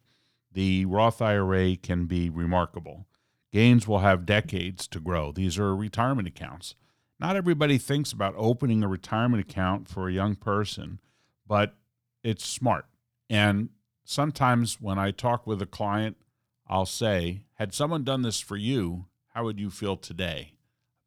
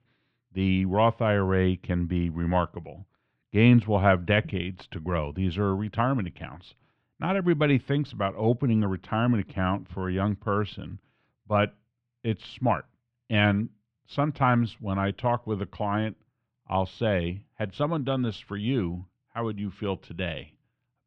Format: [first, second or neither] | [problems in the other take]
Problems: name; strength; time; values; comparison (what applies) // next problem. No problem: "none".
first | muffled; very; fading above 3 kHz